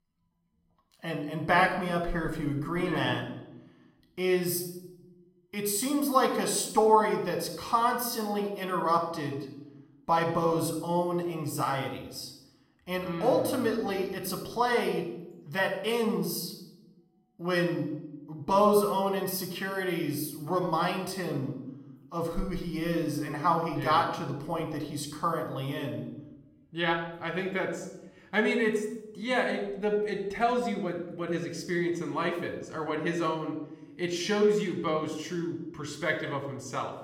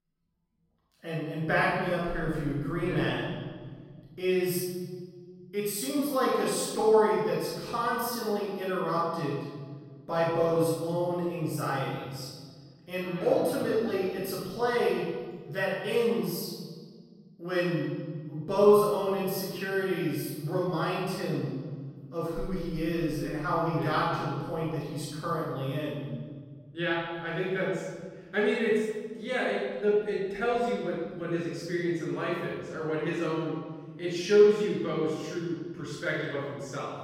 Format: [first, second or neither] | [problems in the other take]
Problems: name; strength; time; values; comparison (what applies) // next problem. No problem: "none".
first | room echo; strong; dies away in 1.8 s; slight in the first // off-mic speech; far; somewhat distant in the first